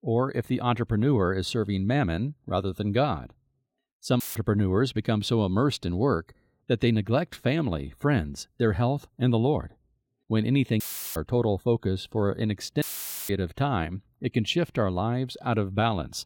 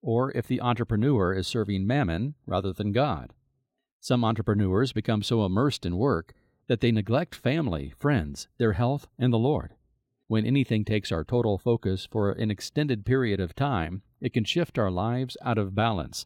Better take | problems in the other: second | audio cutting out; filled with static; at 4 s, at 11 s and at 13 s

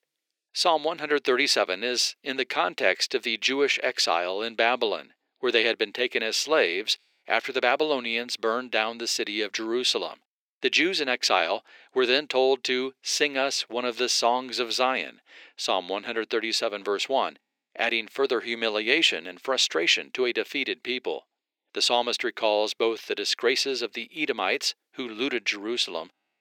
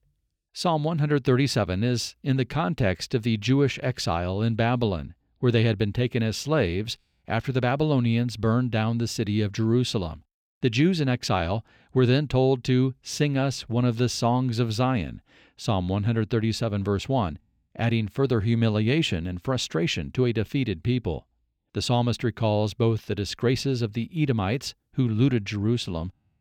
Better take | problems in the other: second | thin; very; fading below 350 Hz

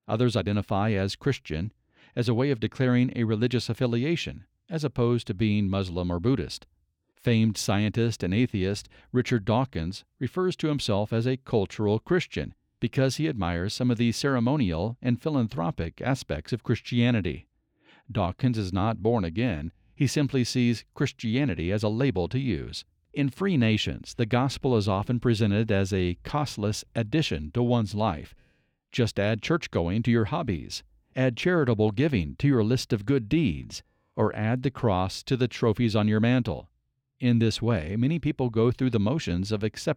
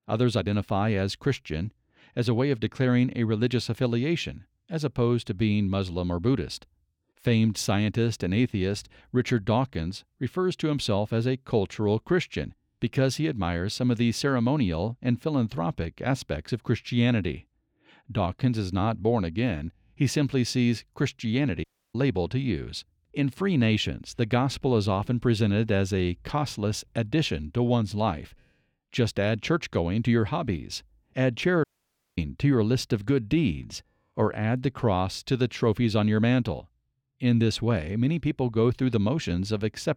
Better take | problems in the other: first | audio cutting out; at 22 s and at 32 s for 0.5 s

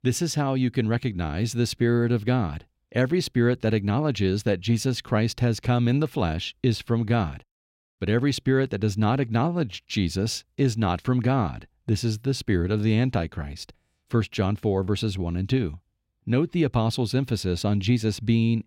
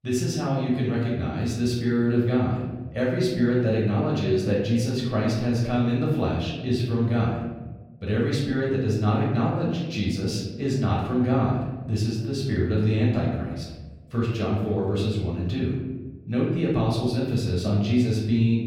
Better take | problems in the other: first | room echo; noticeable; dies away in 1.2 s // off-mic speech; far

